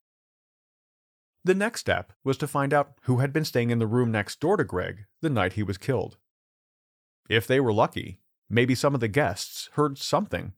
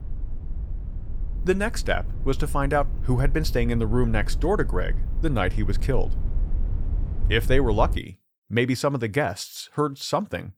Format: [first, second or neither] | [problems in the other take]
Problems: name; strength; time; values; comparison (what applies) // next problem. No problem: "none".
first | low rumble; faint; until 8 s; 20 dB below the speech